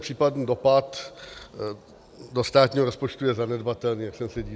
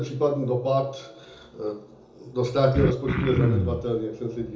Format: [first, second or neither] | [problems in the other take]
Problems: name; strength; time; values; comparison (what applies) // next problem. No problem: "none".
first | background sound (Cough); 1 dB above the speech // room echo; dies away in 0.6 s